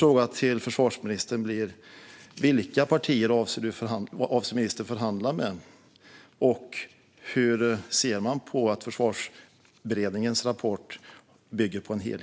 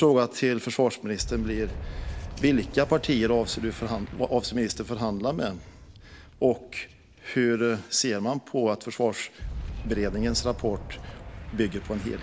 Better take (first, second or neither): first